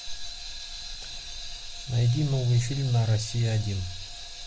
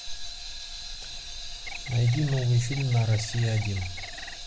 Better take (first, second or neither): first